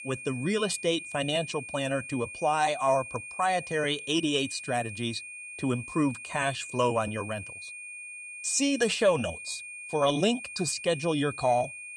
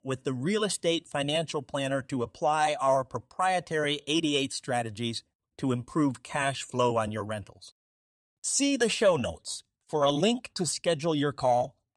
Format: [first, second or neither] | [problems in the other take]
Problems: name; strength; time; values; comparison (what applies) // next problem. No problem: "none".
second | high-pitched whine; noticeable; throughout; 2.5 kHz, 10 dB below the speech